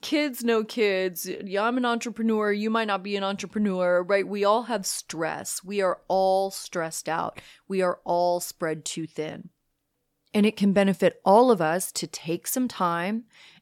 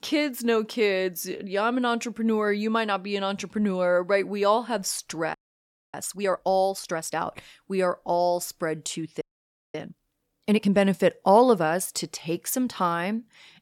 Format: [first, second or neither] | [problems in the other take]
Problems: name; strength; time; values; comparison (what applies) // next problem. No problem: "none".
first | audio freezing; at 5.5 s for 0.5 s and at 9 s for 0.5 s